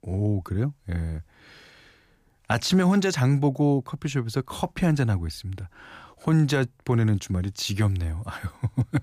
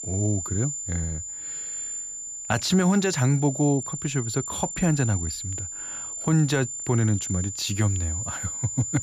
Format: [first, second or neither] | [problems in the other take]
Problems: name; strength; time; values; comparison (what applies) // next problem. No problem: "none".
first | high-pitched whine; loud; throughout; 7 kHz, 5 dB below the speech